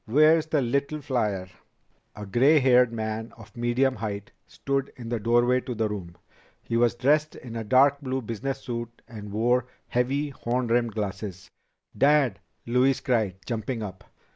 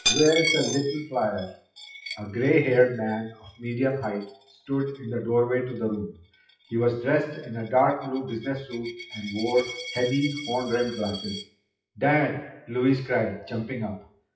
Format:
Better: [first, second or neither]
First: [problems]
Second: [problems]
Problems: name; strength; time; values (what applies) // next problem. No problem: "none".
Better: first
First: none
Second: noise reduction (classical method WPE with log-MMSE)